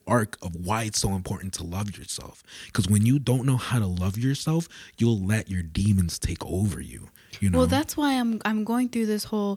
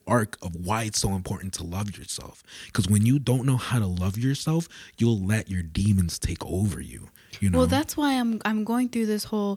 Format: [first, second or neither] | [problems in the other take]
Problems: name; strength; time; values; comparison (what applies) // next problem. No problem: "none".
neither | none